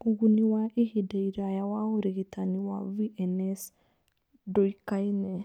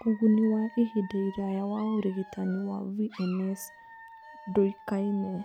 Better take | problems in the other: first | background sound (Alarm / Dog); 20 dB below the speech

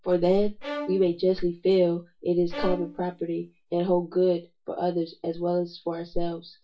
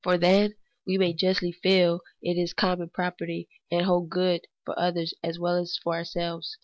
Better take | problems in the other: second | background sound (Bowed string instrument); 12 dB below the speech // room echo; dies away in 0.2 s

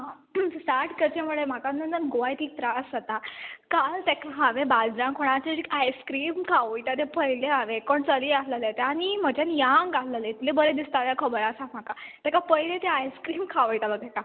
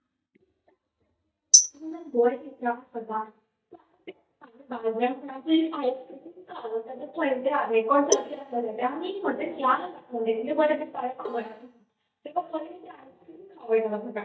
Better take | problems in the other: first | noise reduction (neural mask model DeepFilterNet 3)

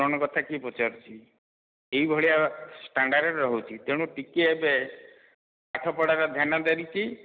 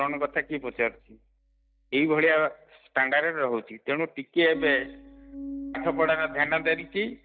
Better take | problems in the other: first | noise reduction (neural mask model DeepFilterNet 3)

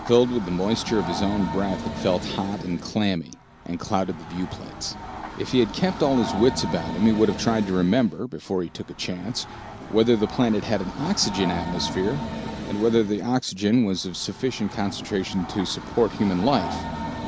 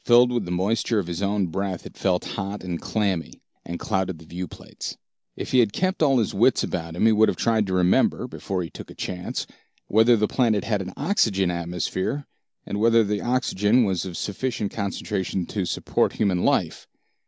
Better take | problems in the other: second | background sound (Train); 9 dB below the speech

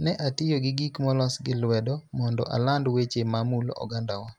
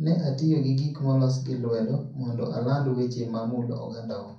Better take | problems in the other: first | room echo; dies away in 0.6 s

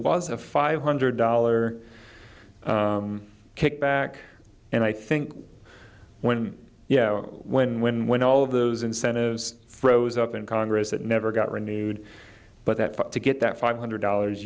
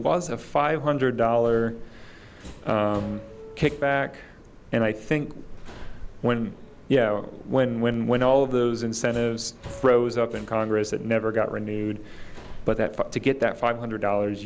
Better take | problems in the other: first | background sound (Subway, metro, underground); 16 dB below the speech

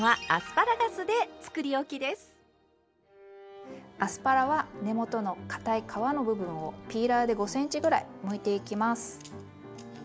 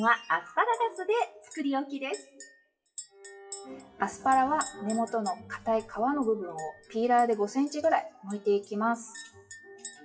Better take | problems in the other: first | noise reduction (classical method WPE with log-MMSE)

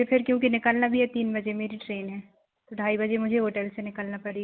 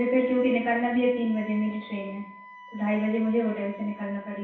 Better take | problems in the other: first | background sound (Wind instrument, woodwind instrument); 19 dB below the speech // room echo; dies away in 0.7 s

